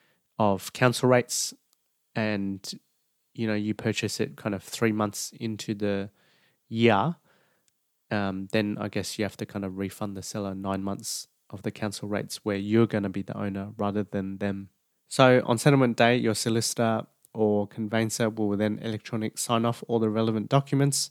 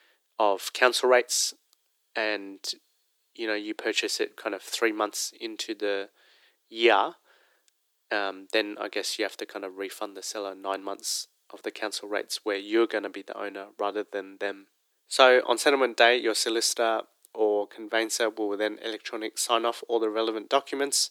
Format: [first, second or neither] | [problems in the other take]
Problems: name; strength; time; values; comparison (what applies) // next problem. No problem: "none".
first | thin; very; fading below 350 Hz